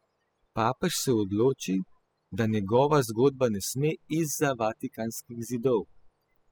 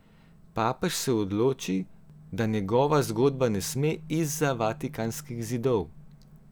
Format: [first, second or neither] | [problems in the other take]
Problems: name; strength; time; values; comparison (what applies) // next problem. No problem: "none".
second | noise reduction (classical method spectral subtraction)